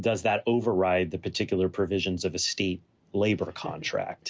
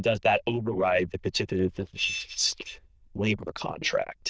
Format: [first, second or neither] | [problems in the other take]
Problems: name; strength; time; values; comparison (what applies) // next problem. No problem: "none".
first | noise reduction (neural diffusion model UNIVERSE++)